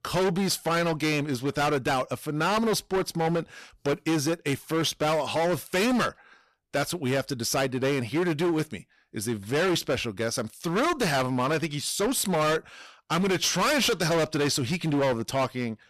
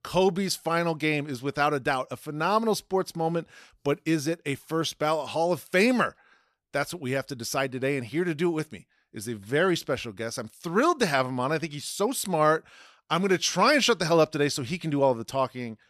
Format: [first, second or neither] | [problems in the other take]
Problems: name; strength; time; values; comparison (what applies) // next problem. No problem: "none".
second | distortion; heavy; 20% of the sound clipped